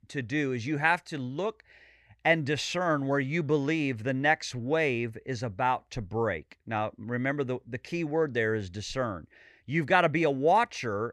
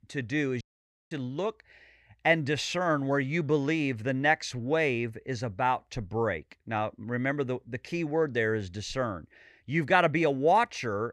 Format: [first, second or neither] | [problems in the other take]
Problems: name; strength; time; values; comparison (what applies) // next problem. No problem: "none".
first | audio cutting out; at 0.5 s for 0.5 s